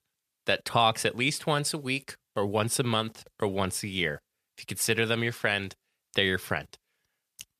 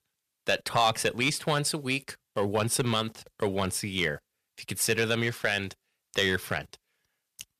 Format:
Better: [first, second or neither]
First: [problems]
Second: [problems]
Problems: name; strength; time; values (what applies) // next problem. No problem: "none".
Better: first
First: none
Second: distortion; slight; 1.2% of the sound clipped